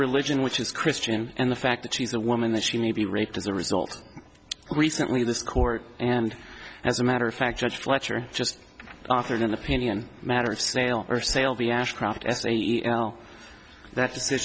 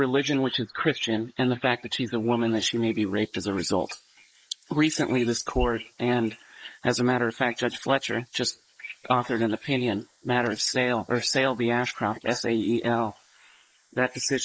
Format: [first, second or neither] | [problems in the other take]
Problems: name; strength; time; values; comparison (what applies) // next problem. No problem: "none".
first | noise reduction (neural mask model Resemble Enhance denoiser)